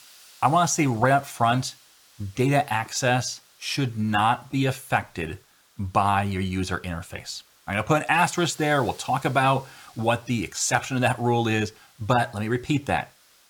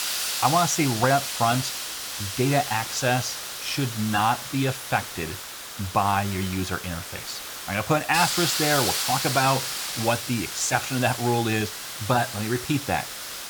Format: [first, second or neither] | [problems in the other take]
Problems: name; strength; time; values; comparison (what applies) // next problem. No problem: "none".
first | hiss; loud; throughout; 4 dB below the speech; faint in the first